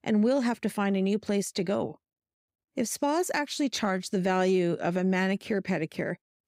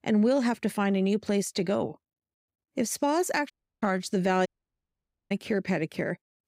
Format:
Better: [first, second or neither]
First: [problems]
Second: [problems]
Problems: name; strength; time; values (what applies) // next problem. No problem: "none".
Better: first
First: none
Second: audio cutting out; at 3.5 s and at 4.5 s for 1 s